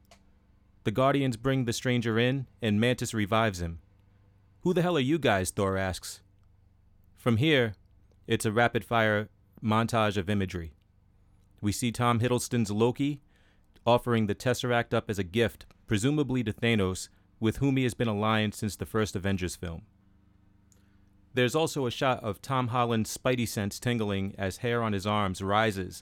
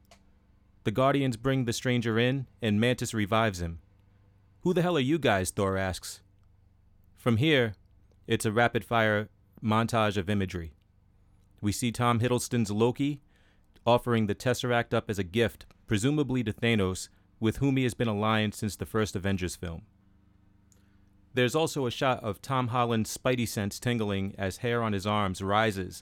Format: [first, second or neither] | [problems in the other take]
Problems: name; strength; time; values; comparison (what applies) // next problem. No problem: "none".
neither | none